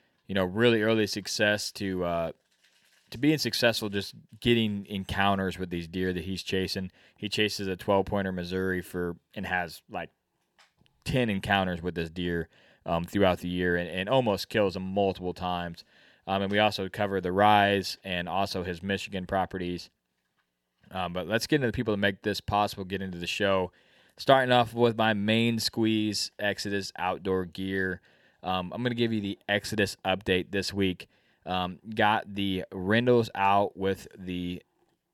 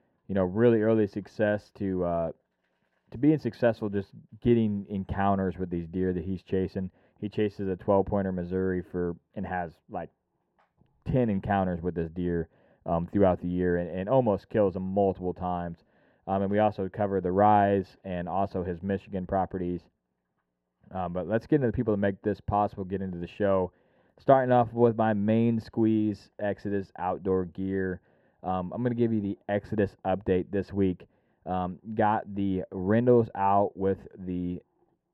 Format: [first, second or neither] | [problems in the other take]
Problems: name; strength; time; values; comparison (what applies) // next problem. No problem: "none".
first | muffled; very; fading above 2 kHz